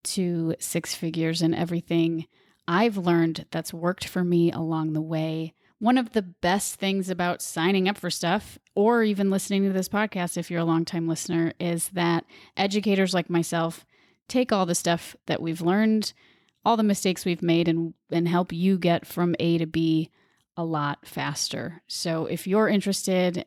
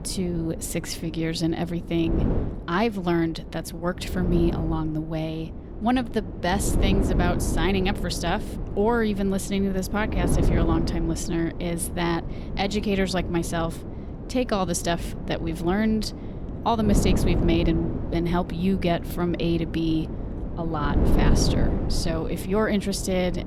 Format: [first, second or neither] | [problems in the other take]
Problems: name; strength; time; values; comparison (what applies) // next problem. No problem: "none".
first | wind noise on the microphone; heavy; 8 dB below the speech